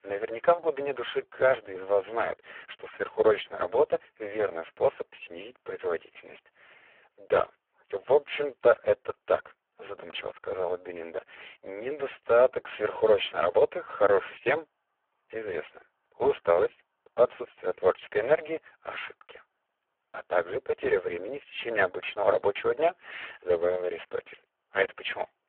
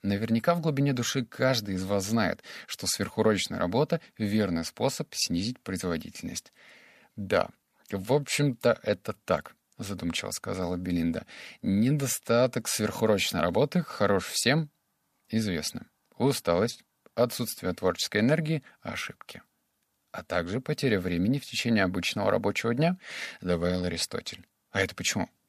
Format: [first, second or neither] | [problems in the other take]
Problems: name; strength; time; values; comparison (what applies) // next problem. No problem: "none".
second | phone-call audio; poor line